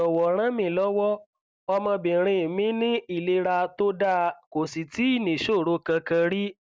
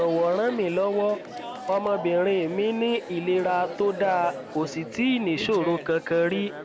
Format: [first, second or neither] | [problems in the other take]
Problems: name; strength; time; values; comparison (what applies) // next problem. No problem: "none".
first | background sound (Chatter); 12 dB below the speech